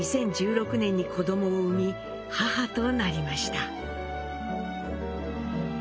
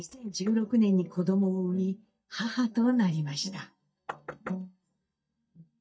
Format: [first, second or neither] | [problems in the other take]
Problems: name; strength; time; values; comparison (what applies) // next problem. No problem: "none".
first | noise reduction (neural mask model DeepFilterNet 3)